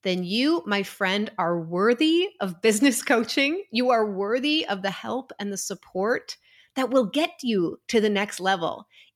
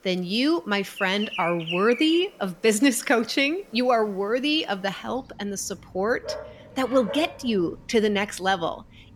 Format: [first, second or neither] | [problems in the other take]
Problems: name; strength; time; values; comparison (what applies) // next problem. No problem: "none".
first | animal sounds; noticeable; throughout; 10 dB below the speech